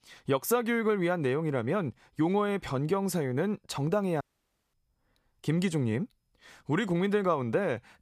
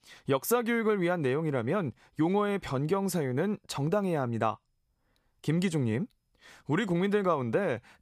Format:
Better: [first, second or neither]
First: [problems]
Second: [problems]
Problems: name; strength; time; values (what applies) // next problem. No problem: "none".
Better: second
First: audio cutting out; at 4 s for 0.5 s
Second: none